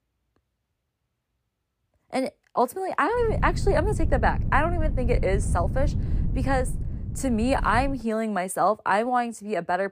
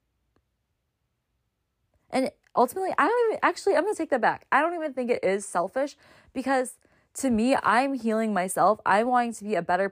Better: second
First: wind noise on the microphone; occasional gusts; from 3 to 8 s; 15 dB below the speech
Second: none

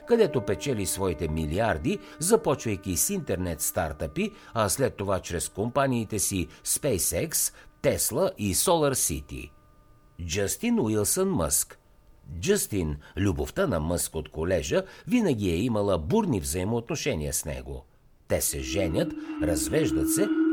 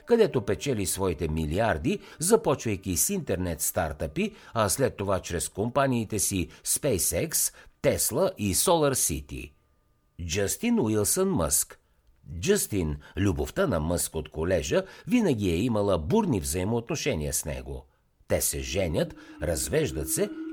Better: second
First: background music; loud; throughout; 7 dB below the speech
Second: background music; faint; throughout; 20 dB below the speech

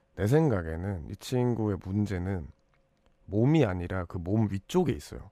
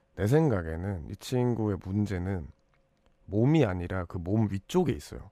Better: neither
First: none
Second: none

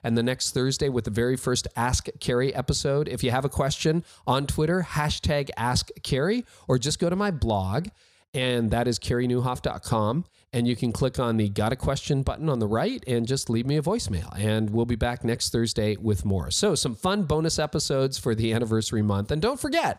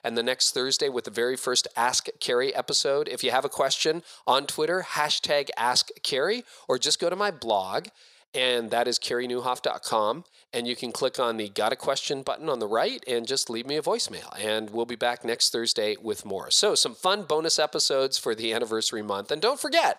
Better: first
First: none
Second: thin; very; fading below 500 Hz

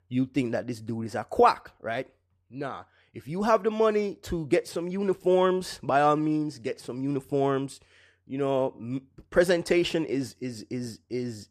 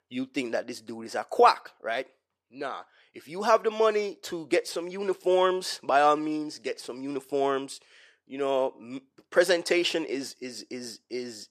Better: first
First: none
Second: thin; somewhat; fading below 400 Hz

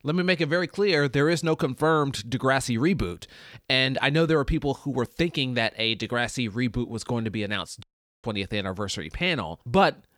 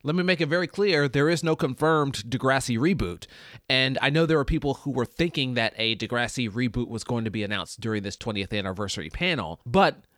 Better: second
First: audio cutting out; at 8 s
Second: none

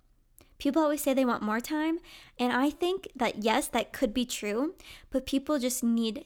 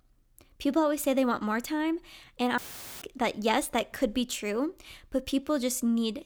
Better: first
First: none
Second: audio cutting out; filled with static; at 2.5 s

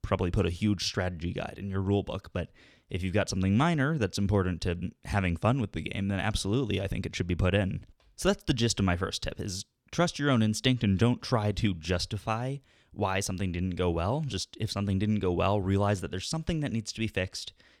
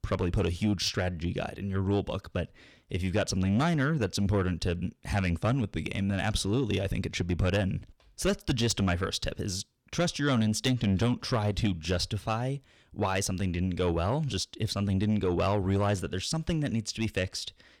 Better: first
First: none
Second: distortion; slight; 10 dB below the speech

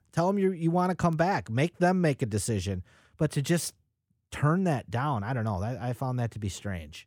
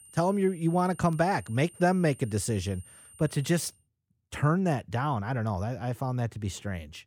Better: first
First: none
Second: high-pitched whine; faint; until 3.5 s; 9 kHz, 20 dB below the speech

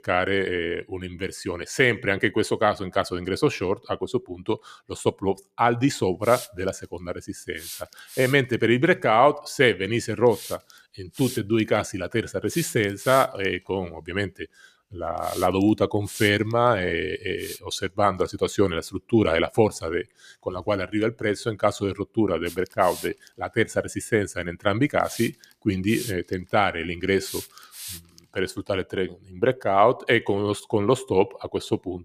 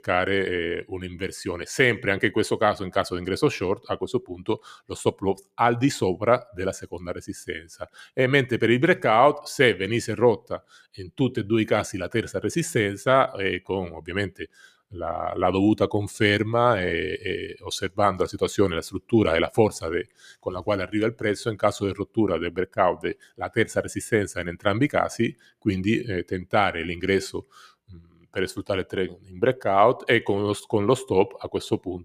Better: second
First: hiss; noticeable; from 6 to 18 s and from 22 to 28 s; 15 dB below the speech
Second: none

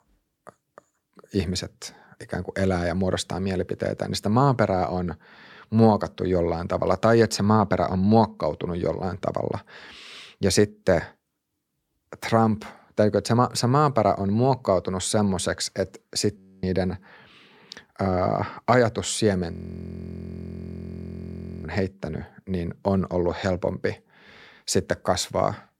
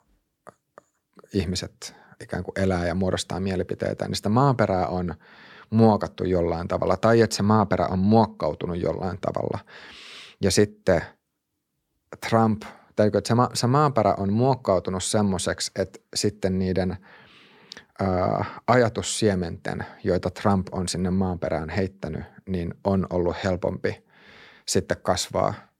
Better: second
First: audio freezing; at 16 s and at 20 s for 2 s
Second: none

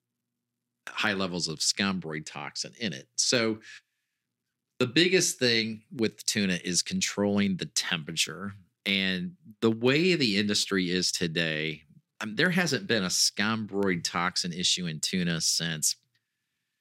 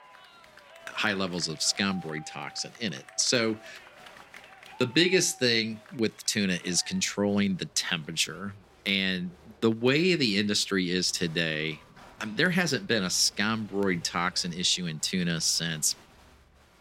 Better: first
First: none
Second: crowd noise; faint; throughout; 25 dB below the speech

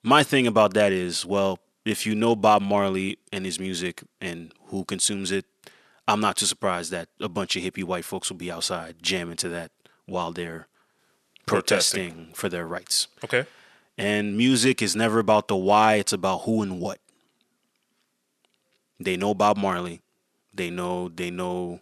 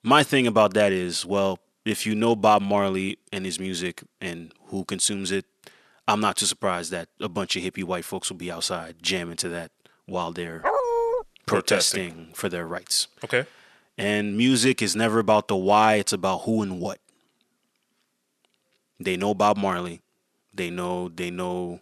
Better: first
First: none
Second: dog barking; loud; at 11 s; peak 1 dB above the speech

